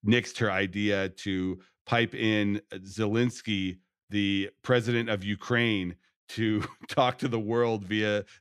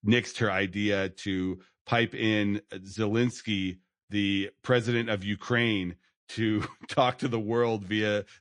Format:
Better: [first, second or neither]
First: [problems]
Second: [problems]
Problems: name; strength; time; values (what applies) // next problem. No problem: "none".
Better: first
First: none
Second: garbled, watery; slightly; nothing above 9 kHz